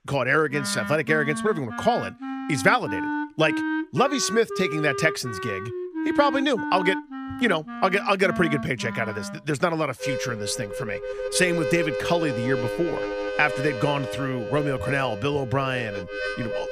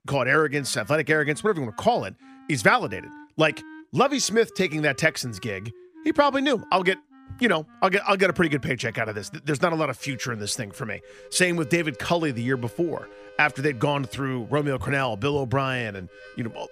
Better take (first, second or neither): second